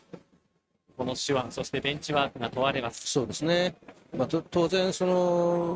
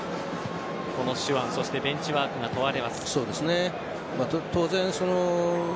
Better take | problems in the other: second | noise reduction (neural mask model RNNoise)

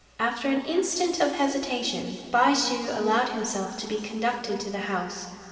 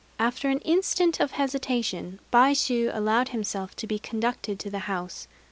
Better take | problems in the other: second | room echo; dies away in 2.5 s

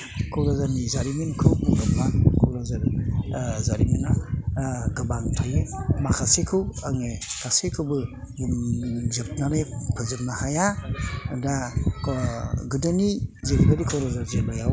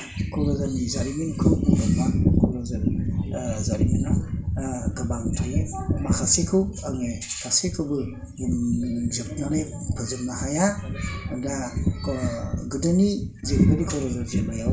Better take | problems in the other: first | room echo; dies away in 0.4 s

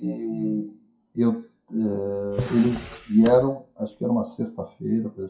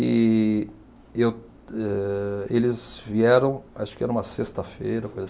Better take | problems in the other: second | noise reduction (classical method WPE with log-MMSE)

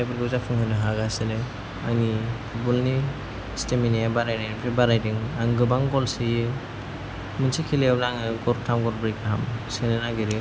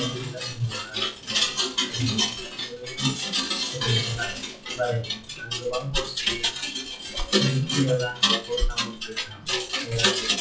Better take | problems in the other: first | noise reduction (classical method WPE with log-MMSE)

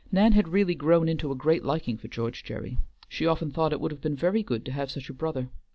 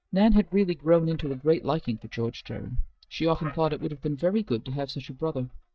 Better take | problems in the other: first | noise reduction (neural mask model DeepFilterNet 3)

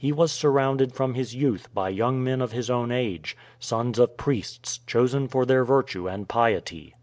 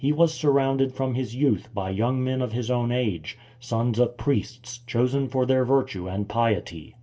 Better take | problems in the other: first | room echo; dies away in 0.2 s

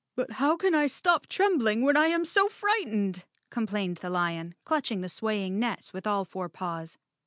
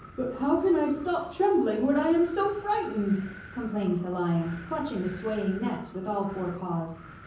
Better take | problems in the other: first | background sound (Wind); 18 dB below the speech // room echo; dies away in 0.7 s

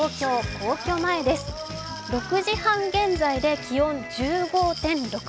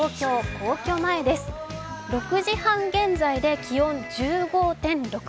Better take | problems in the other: second | background sound (Glass); 16 dB below the speech

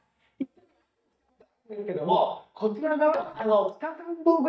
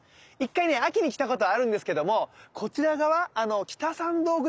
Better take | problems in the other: second | noise reduction (neural mask model DeepFilterNet 3)

